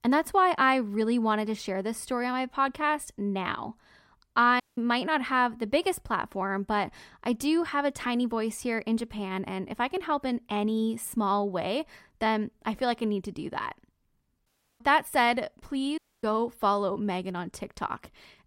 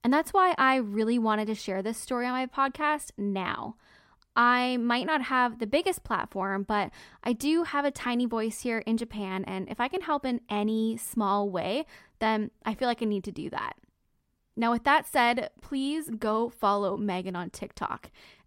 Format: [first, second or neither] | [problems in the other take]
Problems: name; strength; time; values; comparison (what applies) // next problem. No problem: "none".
second | audio cutting out; at 4.5 s, at 14 s and at 16 s